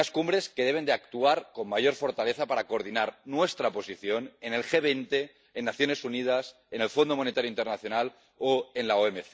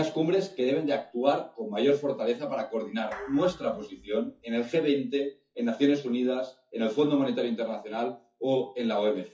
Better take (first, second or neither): first